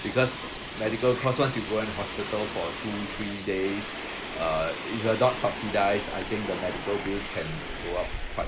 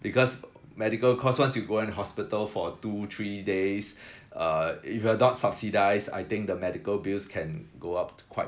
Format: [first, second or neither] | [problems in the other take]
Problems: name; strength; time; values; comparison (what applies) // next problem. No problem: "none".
second | background sound (Subway, metro, underground); 7 dB below the speech